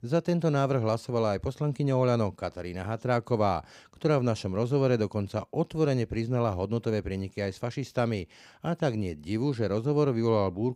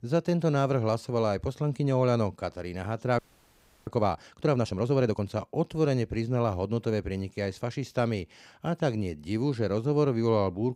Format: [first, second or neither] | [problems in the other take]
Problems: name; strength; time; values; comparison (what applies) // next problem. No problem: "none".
first | audio freezing; at 3 s for 0.5 s